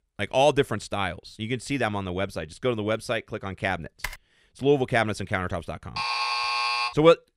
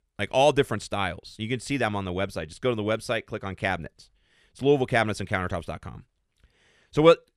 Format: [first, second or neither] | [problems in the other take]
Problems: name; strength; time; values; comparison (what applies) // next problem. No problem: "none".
second | keyboard typing; faint; at 4 s; peak 10 dB below the speech // alarm; loud; at 6 s; peak 2 dB above the speech